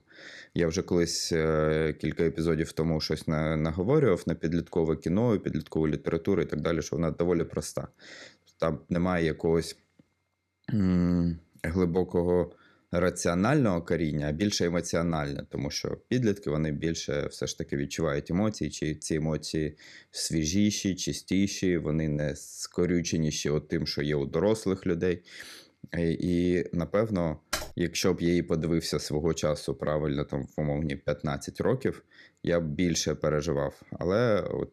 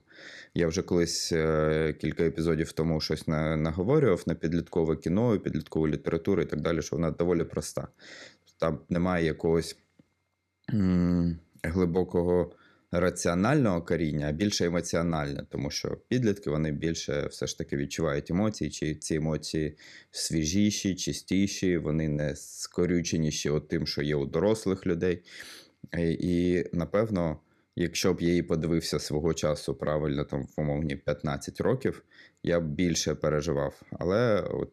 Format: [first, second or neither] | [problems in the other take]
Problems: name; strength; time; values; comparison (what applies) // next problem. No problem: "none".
second | keyboard typing; noticeable; at 28 s; peak 6 dB below the speech